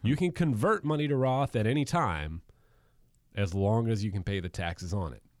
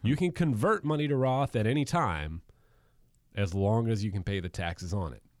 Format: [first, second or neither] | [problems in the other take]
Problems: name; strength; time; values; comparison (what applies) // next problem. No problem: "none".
neither | none